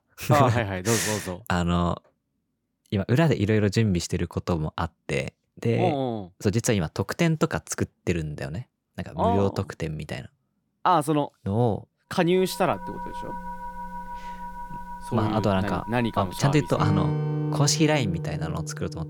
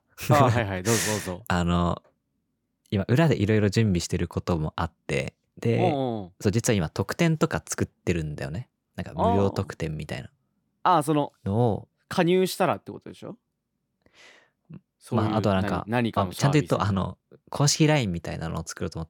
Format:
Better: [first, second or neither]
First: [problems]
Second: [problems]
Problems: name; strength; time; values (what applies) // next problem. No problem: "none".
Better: second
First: background music; loud; from 13 s on; 7 dB below the speech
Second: none